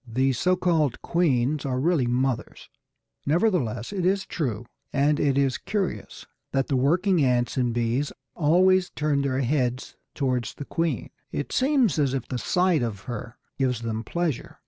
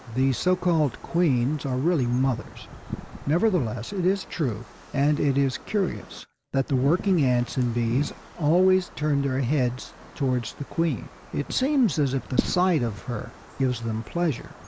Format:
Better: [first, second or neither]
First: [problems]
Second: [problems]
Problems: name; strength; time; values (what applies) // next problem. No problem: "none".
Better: first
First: none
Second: background sound (Wind); 15 dB below the speech